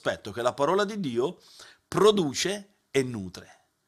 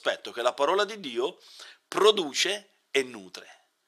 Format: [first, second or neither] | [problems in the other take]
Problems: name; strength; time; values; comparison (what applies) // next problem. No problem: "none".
first | thin; somewhat; fading below 450 Hz